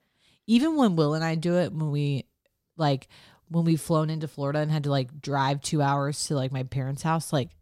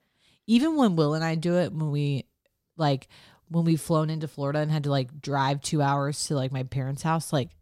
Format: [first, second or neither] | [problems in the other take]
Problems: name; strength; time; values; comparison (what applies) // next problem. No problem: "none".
neither | none